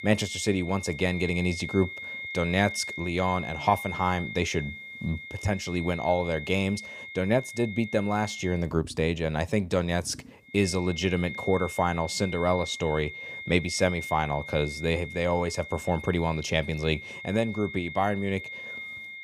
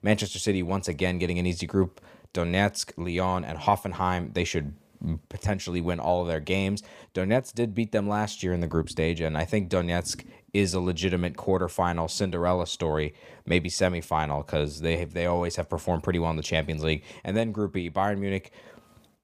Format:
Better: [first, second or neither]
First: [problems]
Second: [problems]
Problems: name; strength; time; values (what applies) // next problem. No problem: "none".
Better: second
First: high-pitched whine; loud; until 8.5 s and from 11 s on; 2 kHz, 9 dB below the speech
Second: none